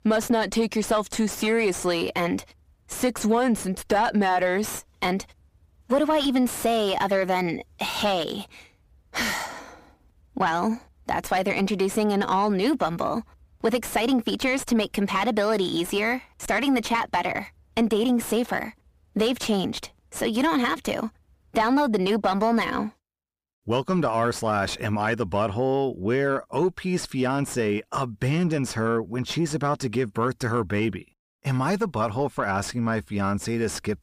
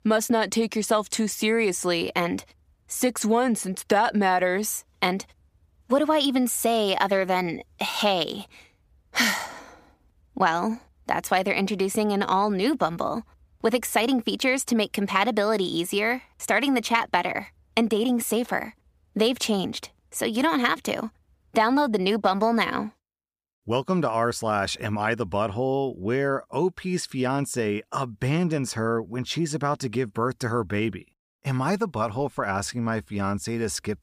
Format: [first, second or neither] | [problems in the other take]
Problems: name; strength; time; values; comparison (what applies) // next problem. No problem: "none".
second | distortion; slight; 10 dB below the speech